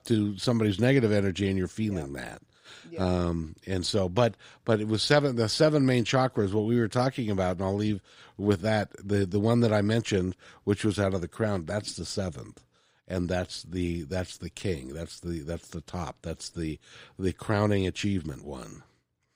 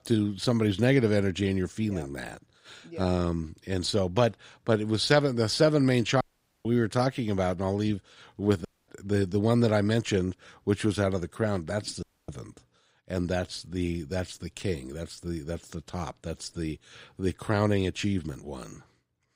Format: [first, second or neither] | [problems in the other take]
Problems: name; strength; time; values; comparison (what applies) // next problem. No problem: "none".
first | audio cutting out; at 6 s, at 8.5 s and at 12 s